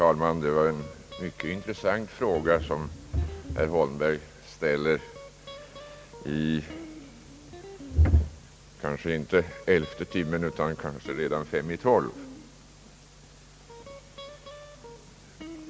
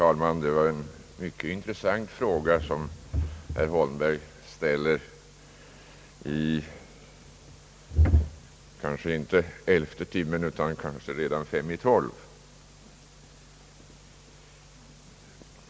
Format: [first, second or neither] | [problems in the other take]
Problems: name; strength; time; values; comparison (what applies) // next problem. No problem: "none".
second | background sound (Guitar); 19 dB below the speech